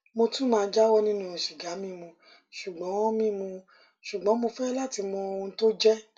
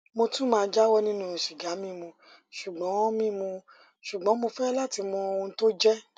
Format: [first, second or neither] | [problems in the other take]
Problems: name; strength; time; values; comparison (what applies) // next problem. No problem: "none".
second | room echo; dies away in 0.2 s